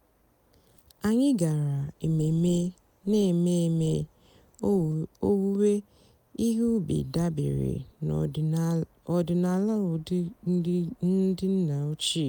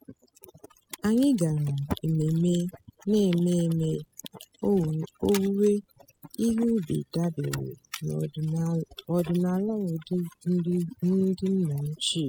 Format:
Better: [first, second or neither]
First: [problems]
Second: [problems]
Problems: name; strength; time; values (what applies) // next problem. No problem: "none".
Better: first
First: none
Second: noise reduction (classical method spectral subtraction)